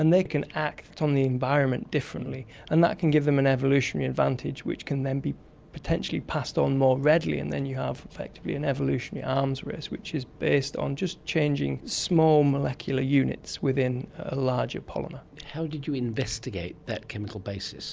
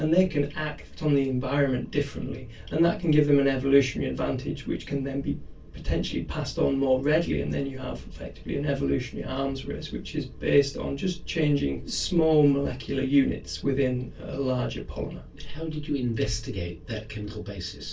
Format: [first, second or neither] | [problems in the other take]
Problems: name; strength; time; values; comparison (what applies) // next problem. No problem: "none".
first | room echo; dies away in 0.2 s